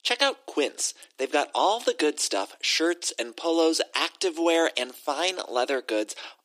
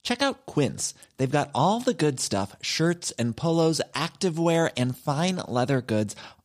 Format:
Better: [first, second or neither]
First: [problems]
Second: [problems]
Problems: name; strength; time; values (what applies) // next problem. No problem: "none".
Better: second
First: thin; very; fading below 300 Hz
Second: none